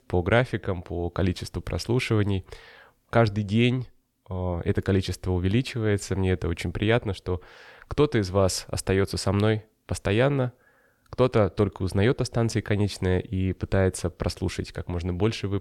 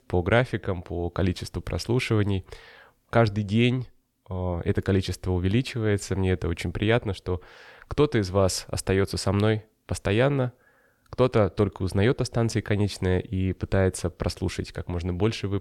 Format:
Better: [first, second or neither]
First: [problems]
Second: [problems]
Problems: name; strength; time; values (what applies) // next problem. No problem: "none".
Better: neither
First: none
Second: none